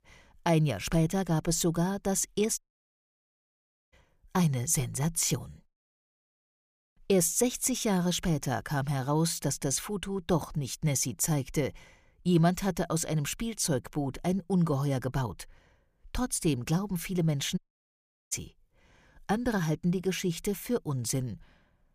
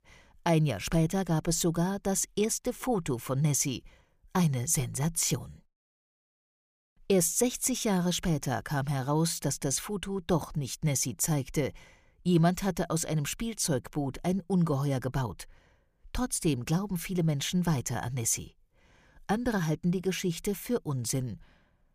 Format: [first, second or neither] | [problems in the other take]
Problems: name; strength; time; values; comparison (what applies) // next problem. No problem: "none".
second | audio cutting out; at 2.5 s for 1.5 s and at 18 s for 0.5 s